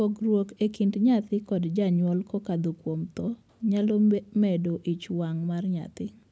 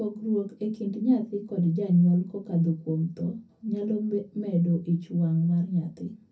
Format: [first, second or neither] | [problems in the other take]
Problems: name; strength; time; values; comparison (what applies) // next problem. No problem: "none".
first | room echo; dies away in 0.3 s